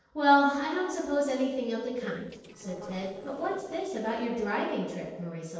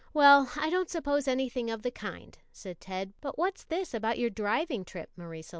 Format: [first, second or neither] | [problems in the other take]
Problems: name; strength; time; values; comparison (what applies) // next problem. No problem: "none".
second | noise reduction (neural separator model SepFormer DNS4)